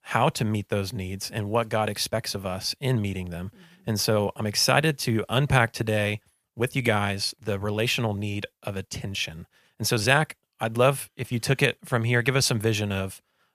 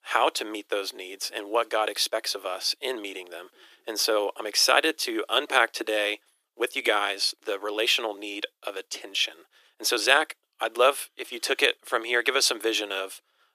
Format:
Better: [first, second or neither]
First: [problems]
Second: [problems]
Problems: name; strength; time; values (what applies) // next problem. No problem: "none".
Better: first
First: none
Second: thin; very; fading below 300 Hz